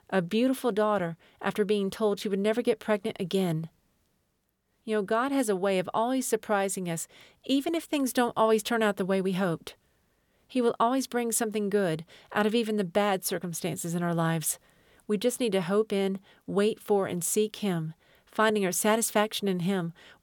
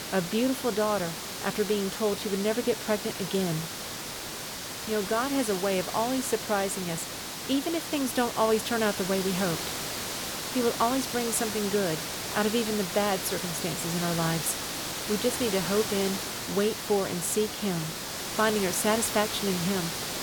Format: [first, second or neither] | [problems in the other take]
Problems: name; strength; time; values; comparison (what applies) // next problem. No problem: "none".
first | hiss; loud; throughout; 4 dB below the speech